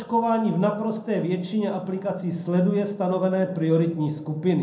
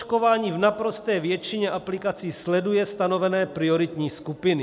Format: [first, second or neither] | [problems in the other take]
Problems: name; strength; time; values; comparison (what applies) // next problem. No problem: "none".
second | room echo; dies away in 0.5 s